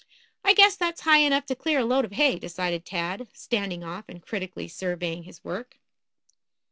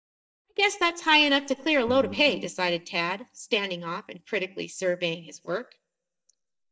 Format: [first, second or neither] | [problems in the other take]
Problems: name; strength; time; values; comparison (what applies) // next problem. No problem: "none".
first | noise reduction (neural mask model DeepFilterNet 3)